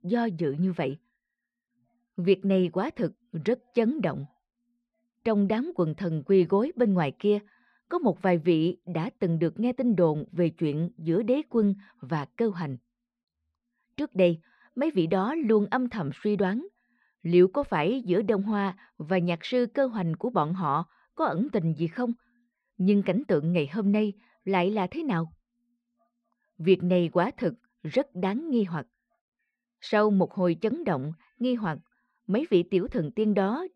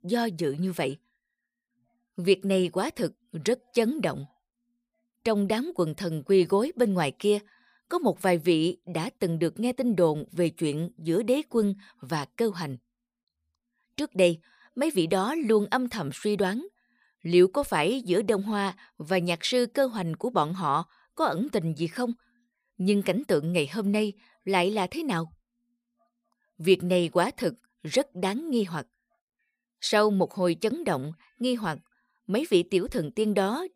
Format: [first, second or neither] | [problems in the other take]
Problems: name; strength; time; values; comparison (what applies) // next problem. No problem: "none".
second | muffled; slightly; fading above 2.5 kHz